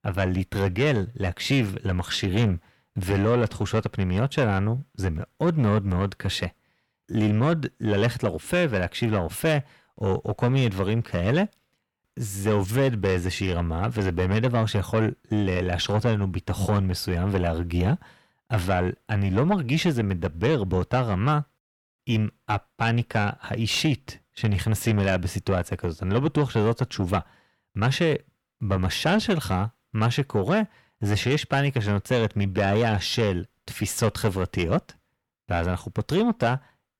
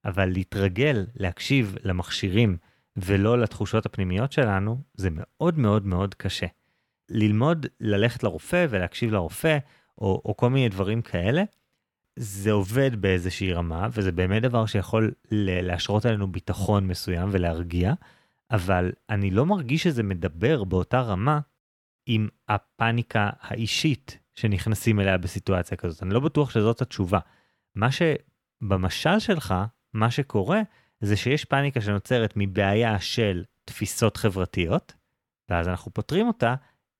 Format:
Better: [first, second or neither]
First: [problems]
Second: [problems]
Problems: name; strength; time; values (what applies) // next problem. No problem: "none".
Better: second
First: distortion; slight; 10 dB below the speech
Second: none